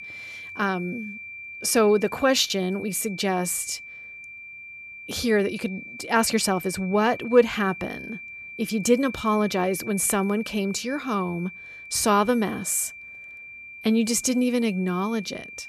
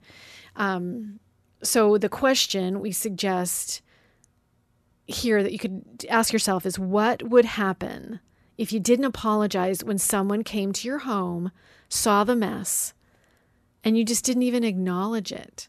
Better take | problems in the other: second | high-pitched whine; noticeable; throughout; 2.5 kHz, 15 dB below the speech

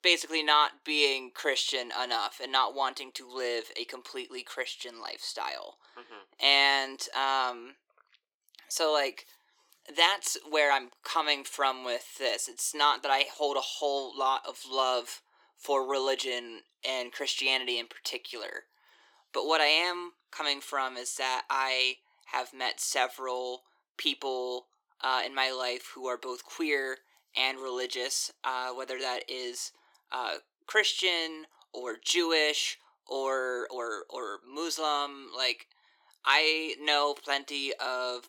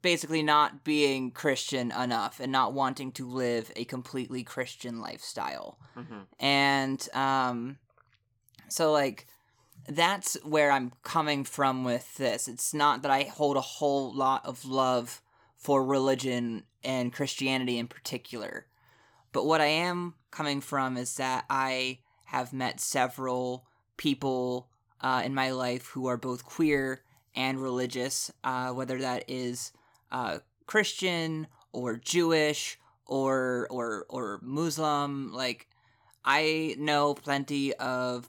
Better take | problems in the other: second | thin; very; fading below 350 Hz

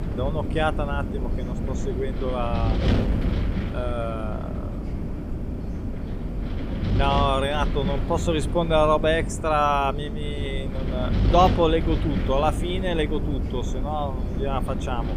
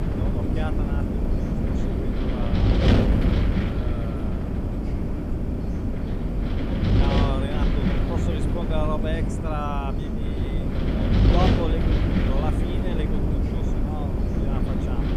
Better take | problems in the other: first | wind noise on the microphone; heavy; 3 dB above the speech; occasional gusts in the first

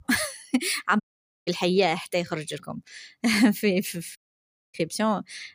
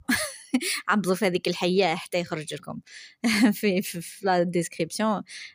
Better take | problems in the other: second | audio cutting out; at 1 s and at 4 s for 0.5 s

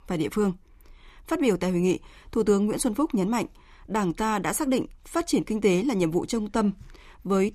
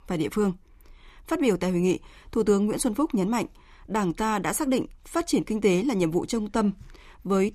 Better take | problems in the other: neither | none

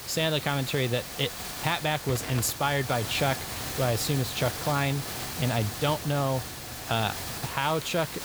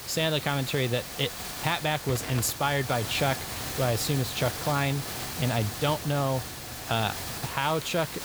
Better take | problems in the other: neither | hiss; loud; throughout; 6 dB below the speech; the same in both

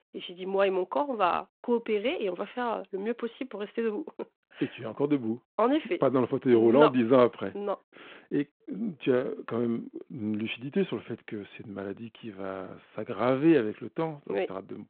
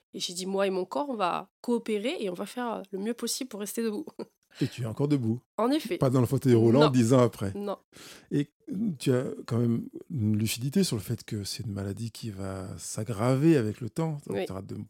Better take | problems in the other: second | phone-call audio

